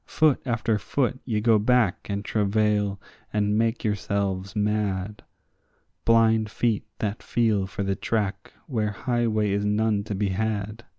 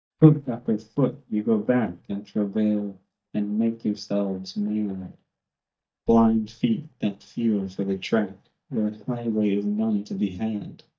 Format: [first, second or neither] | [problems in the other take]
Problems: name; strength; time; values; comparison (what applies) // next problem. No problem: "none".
first | noise reduction (neural mask model DeepFilterNet 3)